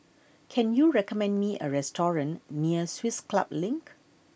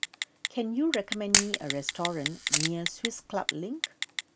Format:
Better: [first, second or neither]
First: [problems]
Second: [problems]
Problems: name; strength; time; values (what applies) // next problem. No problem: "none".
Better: first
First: none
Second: background sound (Camera + Telephone); 2 dB above the speech